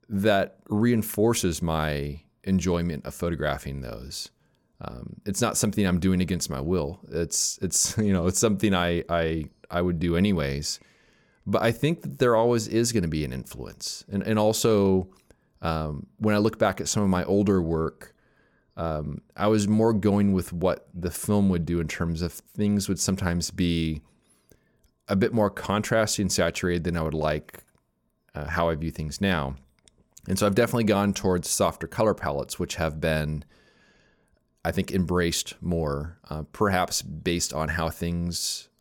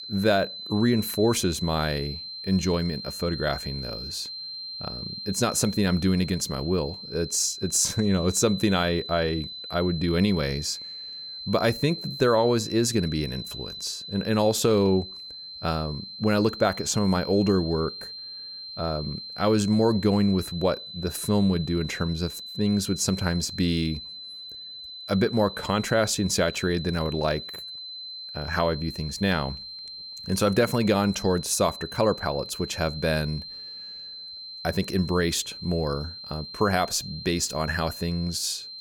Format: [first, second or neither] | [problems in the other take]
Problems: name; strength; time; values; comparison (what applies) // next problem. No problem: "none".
first | high-pitched whine; noticeable; throughout; 4 kHz, 10 dB below the speech